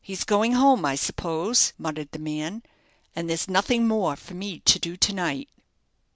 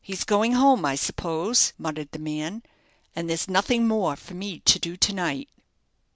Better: first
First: none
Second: background sound (Finger snapping); 20 dB below the speech

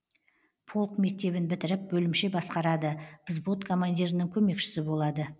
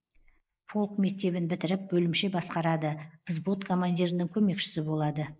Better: first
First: none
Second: noise reduction (neural mask model Resemble Enhance denoiser)

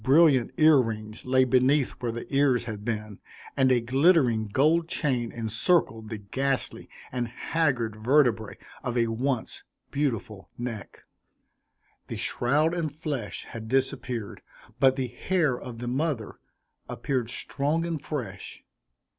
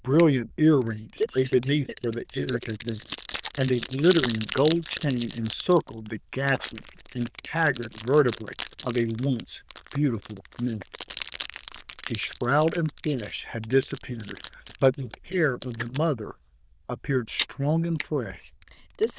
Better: first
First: none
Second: noise reduction (neural diffusion model UNIVERSE++)

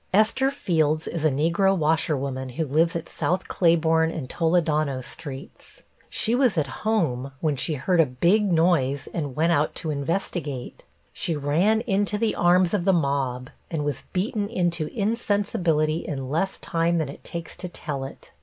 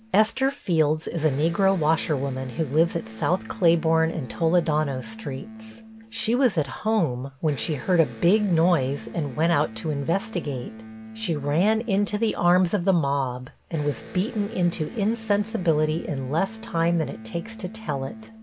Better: first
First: none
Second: background sound (Electric guitar); 16 dB below the speech

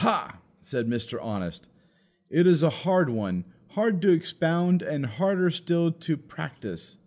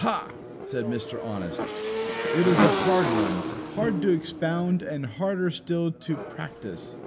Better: first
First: none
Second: background sound (Motorcycle / Engine); 2 dB below the speech

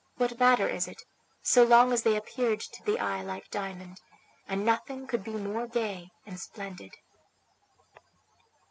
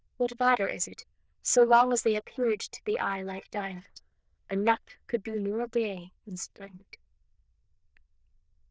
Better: first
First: none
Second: noise reduction (neural diffusion model UNIVERSE++)

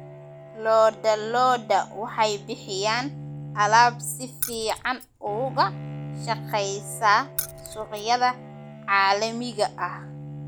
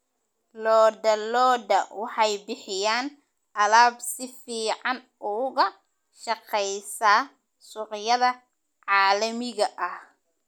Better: second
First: background sound (Bowed string instrument + Keys jangling); 13 dB below the speech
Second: none

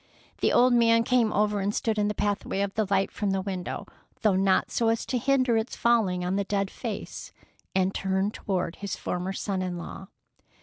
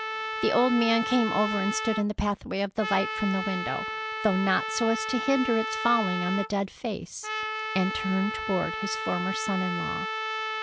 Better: first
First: none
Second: background sound (Trumpet); 4 dB below the speech

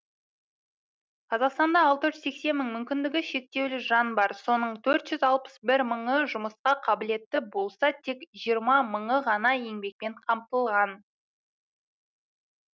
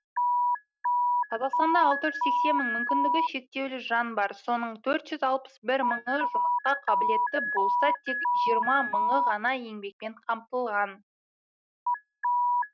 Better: first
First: none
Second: noise reduction (neural mask model RNNoise)

